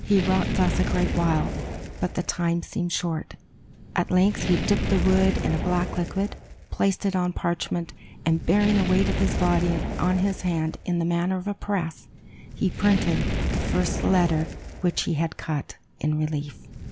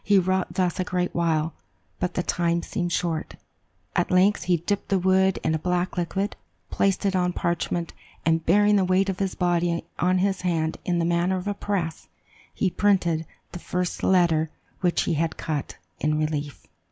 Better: second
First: background sound (Fire); 5 dB below the speech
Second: none

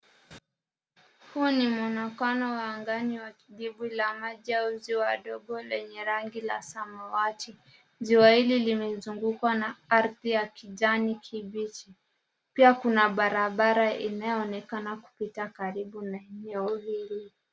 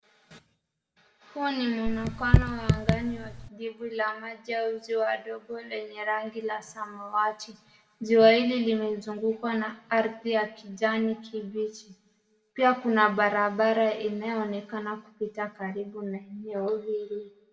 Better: first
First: none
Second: background sound (Raindrop / Drip); 3 dB above the speech // room echo; dies away in 1.1 s

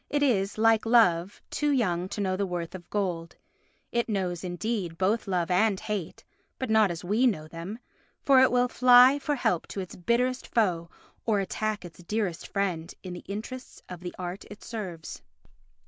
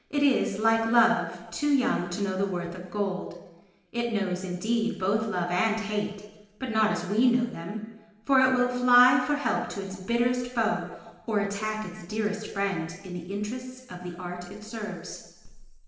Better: first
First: none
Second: room echo; dies away in 1.1 s

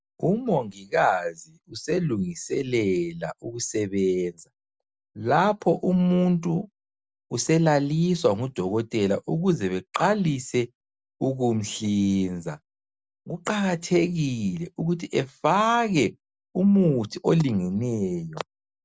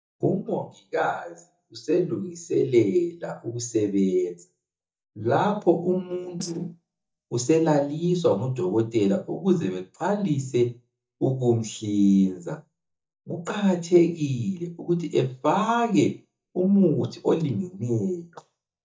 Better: first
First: none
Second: noise reduction (neural mask model DeepFilterNet 3)

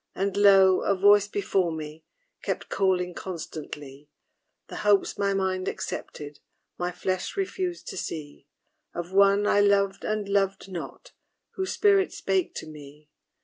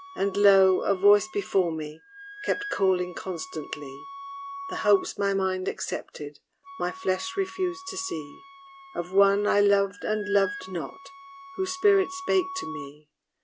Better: first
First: none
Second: background sound (Wind instrument, woodwind instrument); 15 dB below the speech

